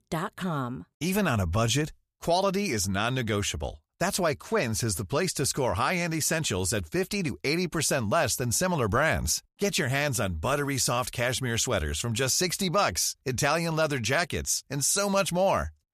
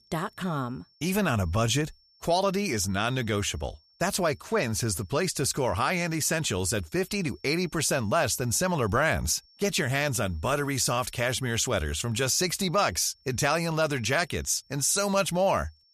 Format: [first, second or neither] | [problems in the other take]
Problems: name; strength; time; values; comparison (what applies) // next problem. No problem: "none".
first | high-pitched whine; faint; throughout; 5.5 kHz, 30 dB below the speech